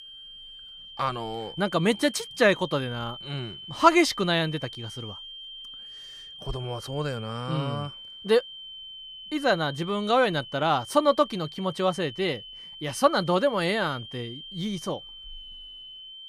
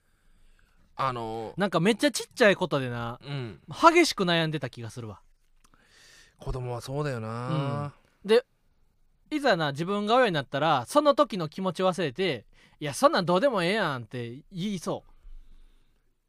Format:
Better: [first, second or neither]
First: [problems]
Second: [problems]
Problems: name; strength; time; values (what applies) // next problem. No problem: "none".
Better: second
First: high-pitched whine; noticeable; throughout; 3 kHz, 15 dB below the speech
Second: none